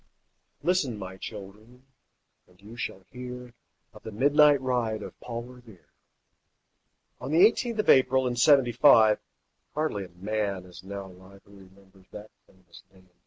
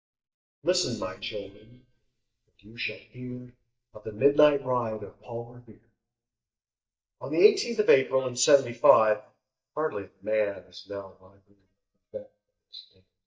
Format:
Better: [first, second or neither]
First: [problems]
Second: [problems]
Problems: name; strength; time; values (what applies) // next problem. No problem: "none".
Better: first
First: none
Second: noise reduction (neural mask model DeepFilterNet 3)